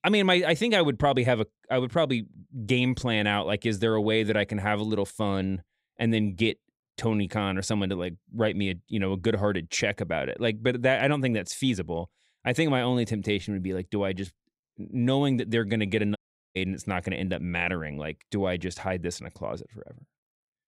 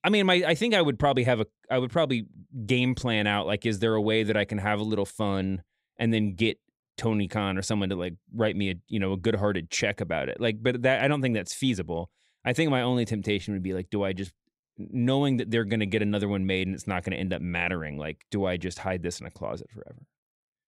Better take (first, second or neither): second